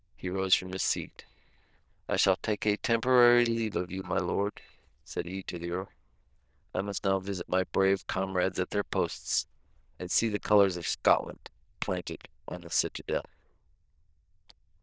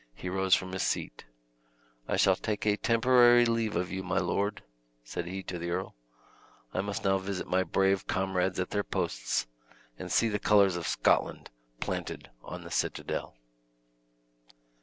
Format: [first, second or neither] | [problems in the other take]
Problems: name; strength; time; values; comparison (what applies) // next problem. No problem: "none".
second | noise reduction (neural diffusion model UNIVERSE++)